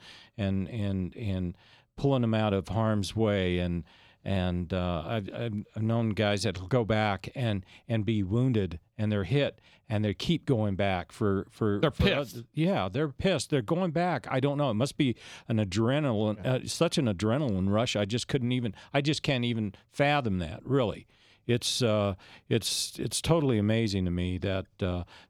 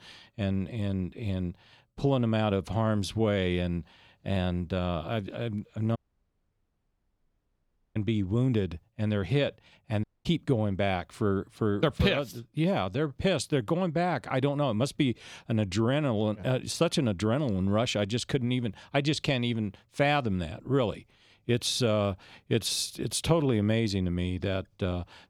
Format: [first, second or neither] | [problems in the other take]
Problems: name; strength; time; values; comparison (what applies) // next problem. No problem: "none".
first | audio cutting out; at 6 s for 2 s and at 10 s